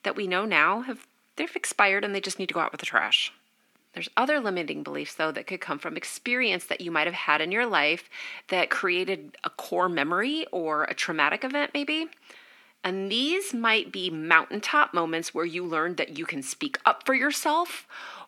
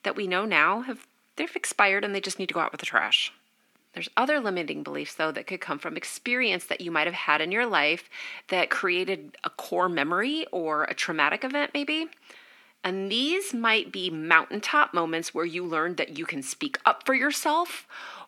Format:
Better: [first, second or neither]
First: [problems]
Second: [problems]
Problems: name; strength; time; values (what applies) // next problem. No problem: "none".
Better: neither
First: thin; somewhat; fading below 300 Hz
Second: thin; somewhat; fading below 300 Hz